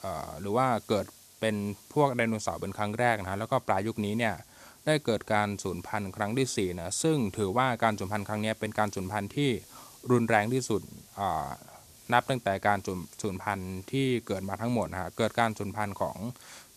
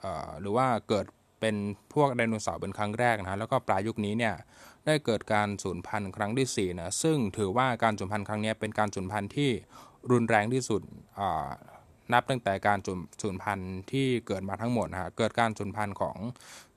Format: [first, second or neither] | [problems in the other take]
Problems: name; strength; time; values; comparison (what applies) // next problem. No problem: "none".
second | hiss; faint; throughout; 20 dB below the speech